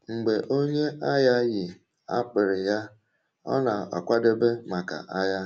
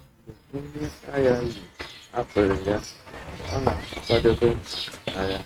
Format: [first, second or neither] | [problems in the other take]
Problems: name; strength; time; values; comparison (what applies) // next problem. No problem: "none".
first | noise reduction (neural mask model RNNoise)